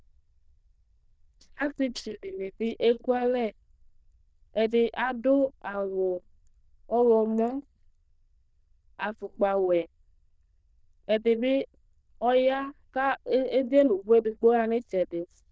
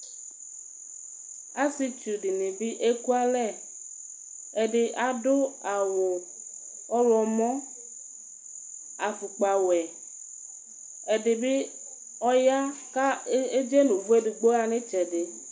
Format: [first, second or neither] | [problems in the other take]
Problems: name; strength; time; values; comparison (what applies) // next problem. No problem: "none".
second | noise reduction (neural diffusion model UNIVERSE++)